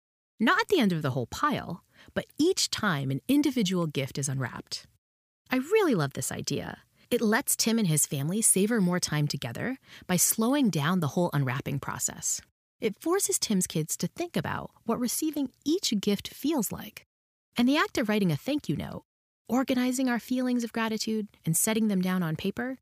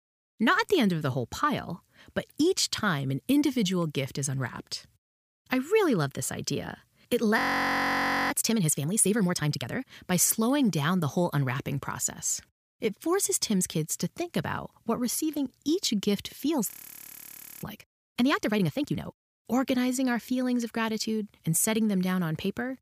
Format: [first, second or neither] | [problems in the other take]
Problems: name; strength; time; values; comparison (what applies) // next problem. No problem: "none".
first | audio freezing; at 7.5 s for 1 s and at 17 s for 1 s